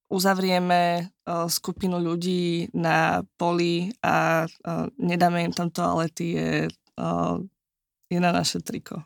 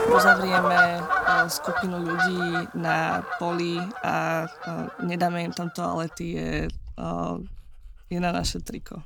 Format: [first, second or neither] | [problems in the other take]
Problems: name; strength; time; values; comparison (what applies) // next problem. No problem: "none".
first | animal sounds; very loud; throughout; 5 dB above the speech